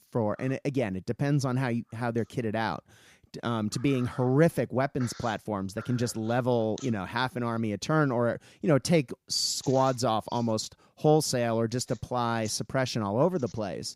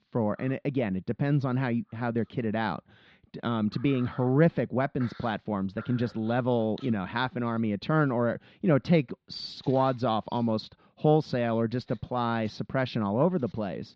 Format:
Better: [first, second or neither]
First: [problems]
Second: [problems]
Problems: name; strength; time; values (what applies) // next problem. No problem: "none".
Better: first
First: none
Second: muffled; slightly; fading above 4 kHz